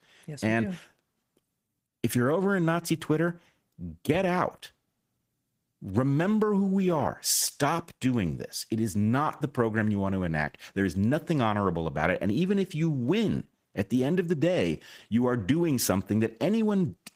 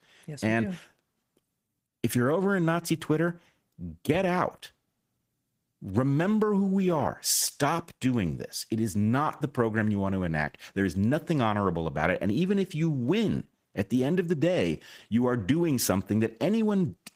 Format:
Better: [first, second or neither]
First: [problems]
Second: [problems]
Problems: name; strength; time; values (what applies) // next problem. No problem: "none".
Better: neither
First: garbled, watery; slightly; nothing above 15.5 kHz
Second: garbled, watery; slightly; nothing above 15.5 kHz